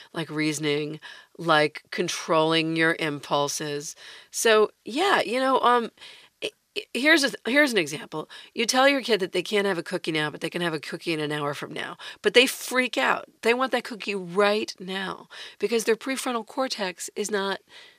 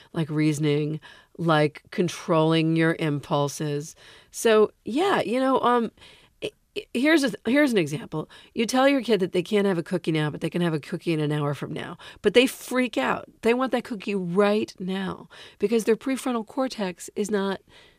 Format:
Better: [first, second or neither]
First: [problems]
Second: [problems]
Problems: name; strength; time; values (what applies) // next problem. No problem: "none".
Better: second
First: thin; very slightly; fading below 1 kHz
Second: none